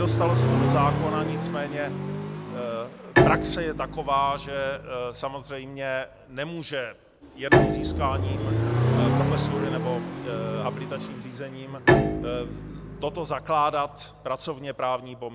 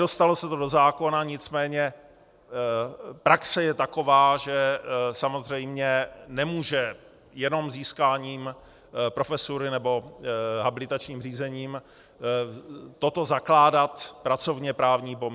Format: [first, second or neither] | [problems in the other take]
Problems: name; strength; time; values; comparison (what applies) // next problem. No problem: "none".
second | background sound (Accelerating, revving, vroom + Bowed string instrument); 4 dB above the speech